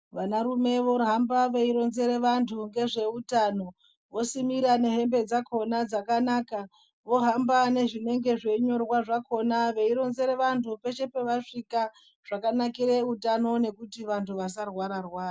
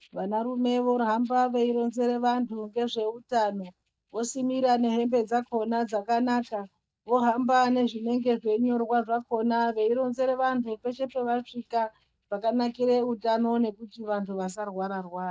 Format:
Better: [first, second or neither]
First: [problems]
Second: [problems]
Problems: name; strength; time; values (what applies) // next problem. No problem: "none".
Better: first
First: none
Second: noise reduction (neural mask model DeepFilterNet 3)